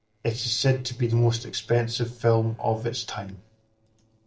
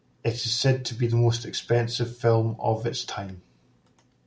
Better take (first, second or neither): second